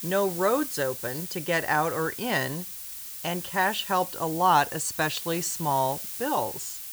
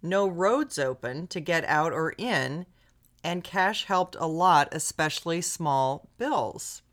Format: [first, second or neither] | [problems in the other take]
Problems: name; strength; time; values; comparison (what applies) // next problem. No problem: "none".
second | hiss; loud; throughout; 7 dB below the speech